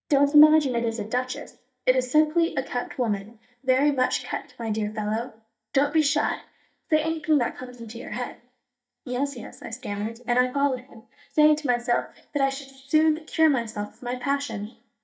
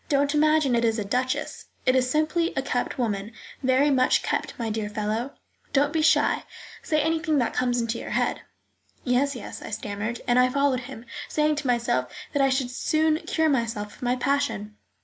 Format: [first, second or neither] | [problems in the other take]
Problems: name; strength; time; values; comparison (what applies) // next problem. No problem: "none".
second | noise reduction (neural mask model DeepFilterNet 3)